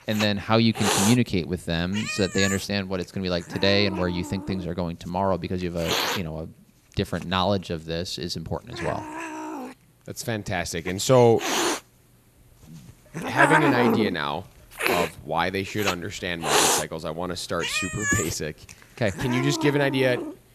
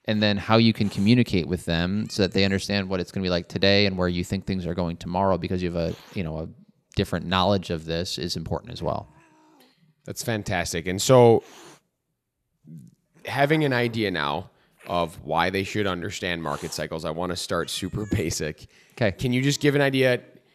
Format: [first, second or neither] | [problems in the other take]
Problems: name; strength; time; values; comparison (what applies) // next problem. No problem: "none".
second | hiss; loud; throughout; 1 dB below the speech; faint in the second